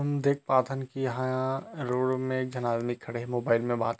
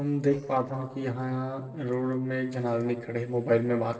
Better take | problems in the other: first | noise reduction (neural separator model SepFormer DNS4)

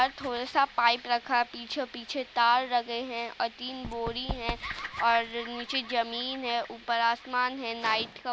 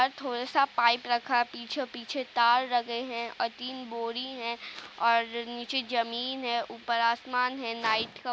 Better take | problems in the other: second | background sound (Run + Bird vocalization, bird call, bird song); 15 dB below the speech

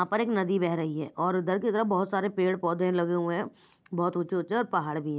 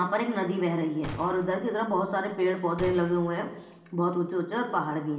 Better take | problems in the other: first | background sound (Gunshot, gunfire); 16 dB below the speech // room echo; dies away in 1 s

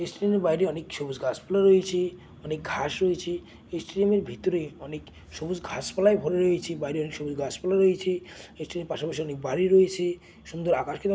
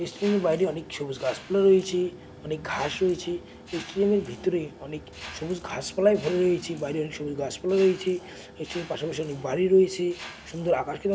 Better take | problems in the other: first | background sound (Mechanisms); 19 dB below the speech

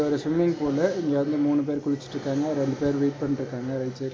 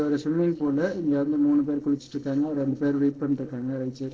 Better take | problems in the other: first | noise reduction (neural separator model SepFormer DNS4)

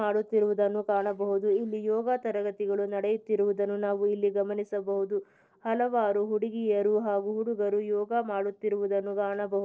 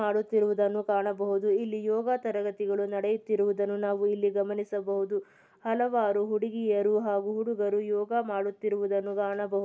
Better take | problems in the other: second | noise reduction (neural separator model SepFormer DNS4)

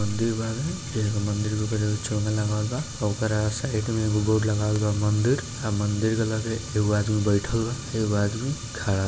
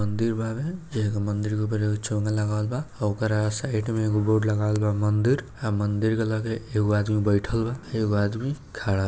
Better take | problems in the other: second | background sound (Fire); 10 dB below the speech

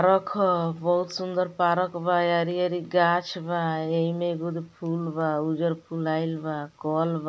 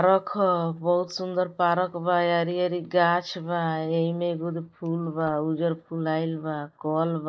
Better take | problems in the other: first | noise reduction (neural mask model DeepFilterNet 3)

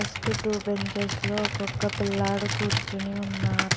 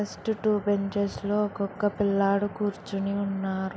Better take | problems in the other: second | background sound (Computer keyboard); as loud as the speech

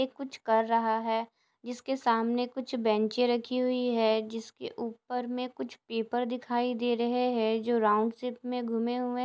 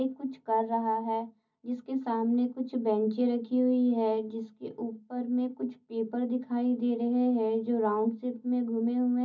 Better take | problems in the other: first | room echo; dies away in 0.4 s

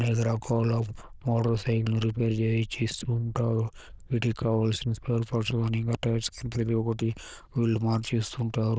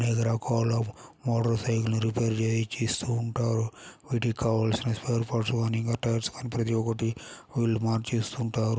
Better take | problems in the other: second | noise reduction (neural diffusion model UNIVERSE++)

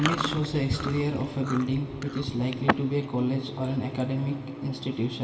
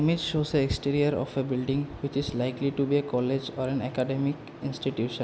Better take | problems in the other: second | background sound (Chewing, mastication); 8 dB below the speech // room echo; dies away in 2.5 s

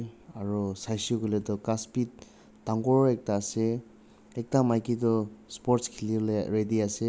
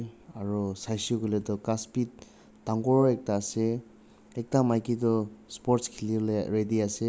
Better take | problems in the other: first | background sound (Brass instrument); 15 dB below the speech

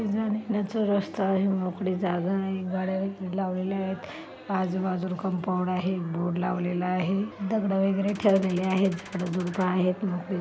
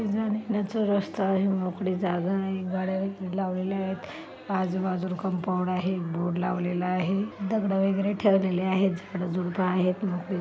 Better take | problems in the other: second | background sound (Gunshot, gunfire); 20 dB below the speech

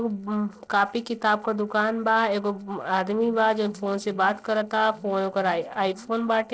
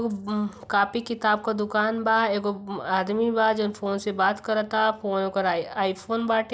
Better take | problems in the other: second | noise reduction (neural separator model SepFormer DNS4)

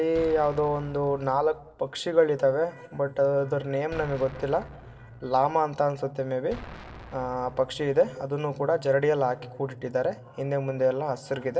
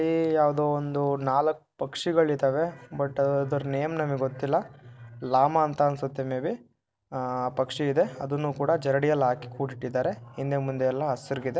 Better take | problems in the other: second | background sound (Explosion); 19 dB below the speech // room echo; dies away in 0.3 s

